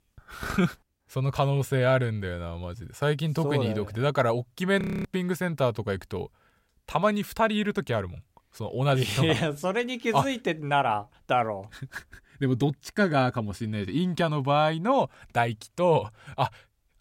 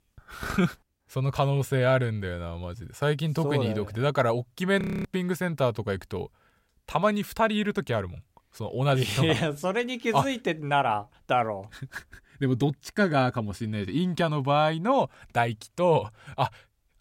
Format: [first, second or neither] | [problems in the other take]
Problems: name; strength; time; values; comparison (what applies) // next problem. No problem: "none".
neither | audio freezing; at 5 s; the same in both